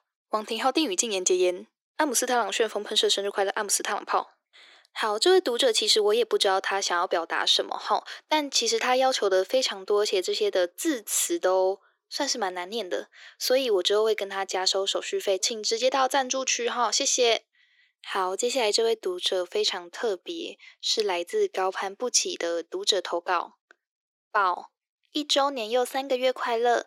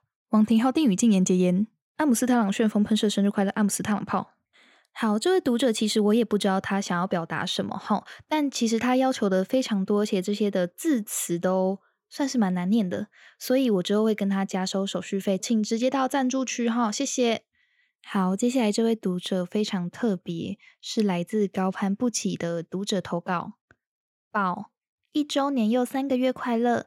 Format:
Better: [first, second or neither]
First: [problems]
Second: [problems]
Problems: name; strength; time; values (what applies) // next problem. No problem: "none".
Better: second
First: thin; very; fading below 350 Hz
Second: none